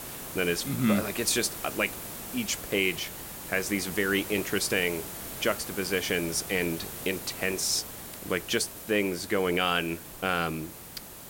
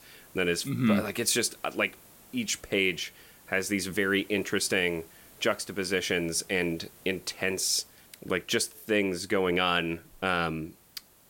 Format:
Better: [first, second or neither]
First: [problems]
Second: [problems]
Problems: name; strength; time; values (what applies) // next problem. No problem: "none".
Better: second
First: hiss; loud; throughout; 9 dB below the speech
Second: hiss; faint; throughout; 25 dB below the speech